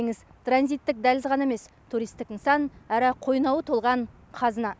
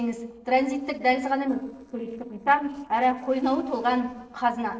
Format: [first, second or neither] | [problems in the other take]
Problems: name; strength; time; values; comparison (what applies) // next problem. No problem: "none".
first | noise reduction (neural separator model SepFormer DNS4)